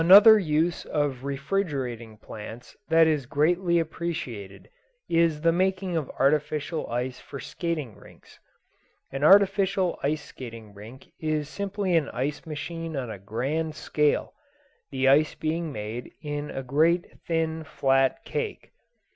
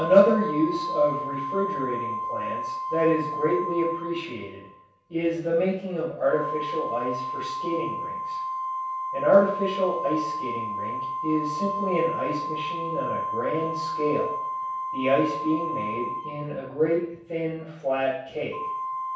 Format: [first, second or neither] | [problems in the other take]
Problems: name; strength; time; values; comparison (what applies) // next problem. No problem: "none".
first | background sound (Organ); 5 dB below the speech // room echo; dies away in 0.7 s